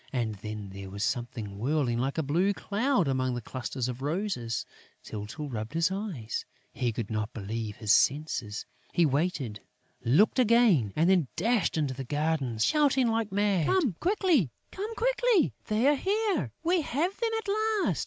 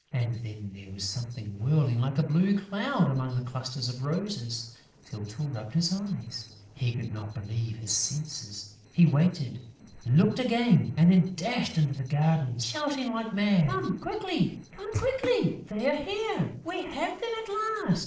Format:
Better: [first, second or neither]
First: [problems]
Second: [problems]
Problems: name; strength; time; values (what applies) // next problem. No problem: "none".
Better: first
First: none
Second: noise reduction (neural separator model SepFormer DNS4)